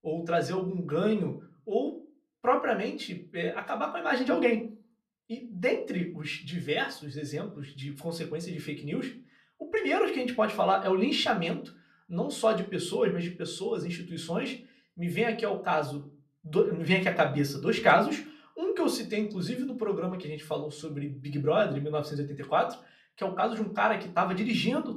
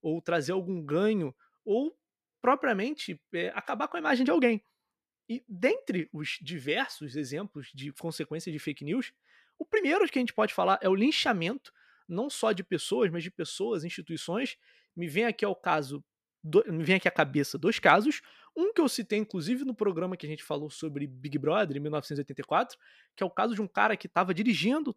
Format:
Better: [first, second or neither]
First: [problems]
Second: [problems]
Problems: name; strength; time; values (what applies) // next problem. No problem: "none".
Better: second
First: off-mic speech; far // room echo; very slight; dies away in 0.3 s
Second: none